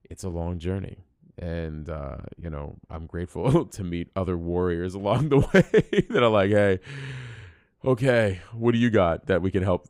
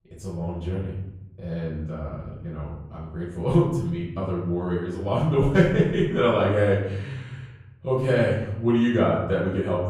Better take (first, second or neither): first